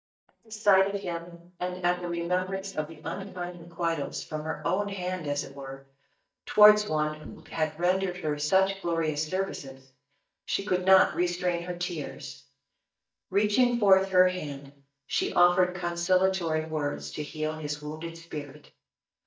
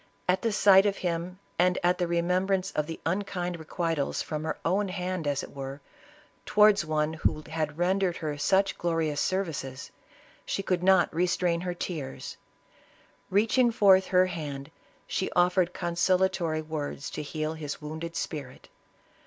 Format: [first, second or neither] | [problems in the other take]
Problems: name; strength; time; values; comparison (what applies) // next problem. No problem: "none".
second | noise reduction (neural mask model DeepFilterNet 3)